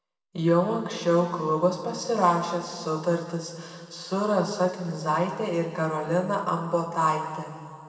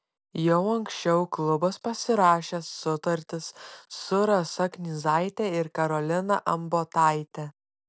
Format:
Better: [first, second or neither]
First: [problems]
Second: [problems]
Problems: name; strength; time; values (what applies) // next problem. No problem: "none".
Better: second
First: room echo; dies away in 2.1 s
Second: none